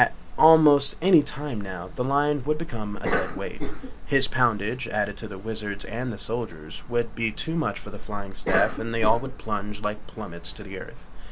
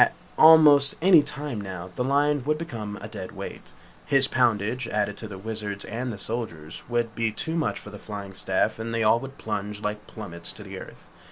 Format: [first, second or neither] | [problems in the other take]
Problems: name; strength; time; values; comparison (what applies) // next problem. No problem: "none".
second | background sound (Cough); 3 dB below the speech